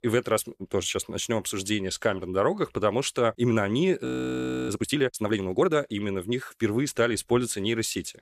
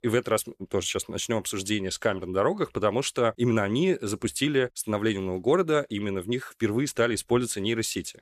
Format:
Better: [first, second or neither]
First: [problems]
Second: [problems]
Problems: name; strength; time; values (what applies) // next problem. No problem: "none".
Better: second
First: audio freezing; at 4 s for 0.5 s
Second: none